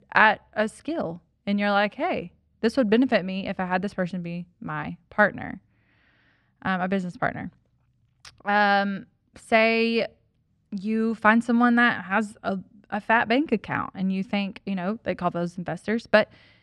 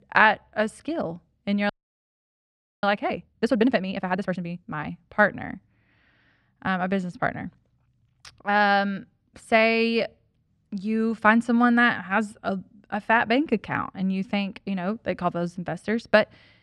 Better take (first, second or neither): first